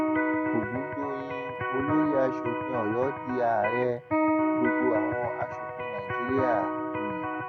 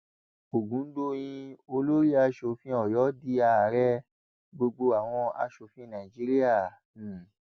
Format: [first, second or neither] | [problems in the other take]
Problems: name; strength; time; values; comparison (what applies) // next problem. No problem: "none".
second | background sound (Electric guitar); 2 dB above the speech